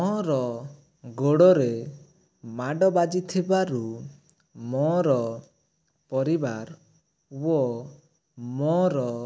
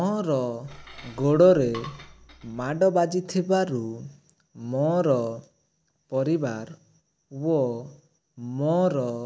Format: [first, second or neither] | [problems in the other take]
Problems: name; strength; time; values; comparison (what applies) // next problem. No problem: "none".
first | background sound (Cutlery, silverware / Dishes, pots, and pans); 19 dB below the speech